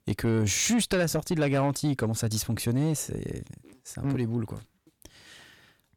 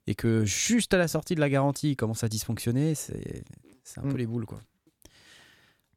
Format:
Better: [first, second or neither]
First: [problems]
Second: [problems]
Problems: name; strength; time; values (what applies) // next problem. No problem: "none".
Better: second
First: distortion; slight; 10 dB below the speech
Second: none